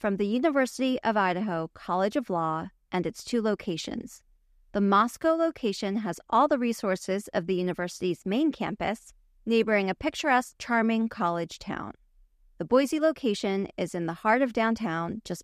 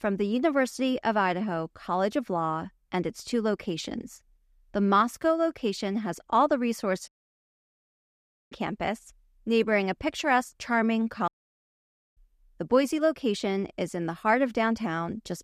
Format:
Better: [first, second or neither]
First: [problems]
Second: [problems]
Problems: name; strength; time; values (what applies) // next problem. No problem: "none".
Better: first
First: none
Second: audio cutting out; at 7 s for 1.5 s and at 11 s for 1 s